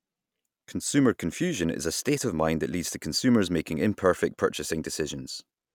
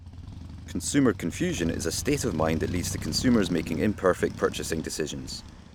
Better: first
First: none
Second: background sound (Motorcycle); 9 dB below the speech

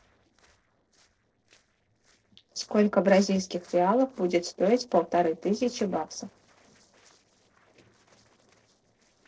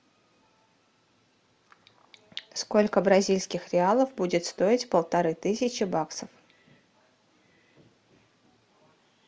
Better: second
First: noise reduction (neural separator model SepFormer DNS4)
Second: none

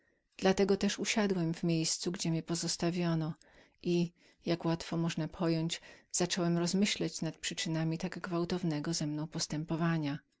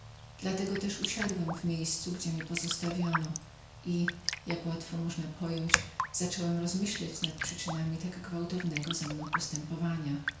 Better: first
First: none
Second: background sound (Raindrop); 5 dB below the speech // room echo; dies away in 0.5 s

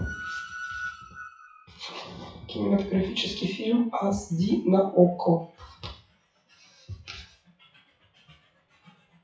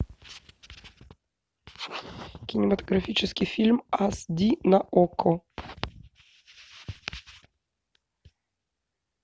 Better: second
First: noise reduction (classical method WPE with log-MMSE)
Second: none

